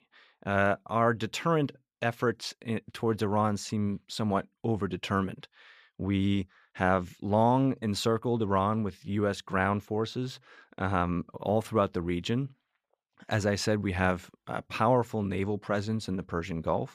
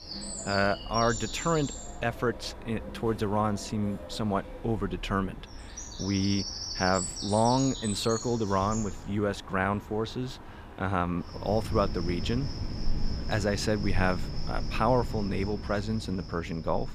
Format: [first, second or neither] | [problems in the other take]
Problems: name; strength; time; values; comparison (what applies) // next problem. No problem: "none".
first | animal sounds; loud; throughout; 8 dB below the speech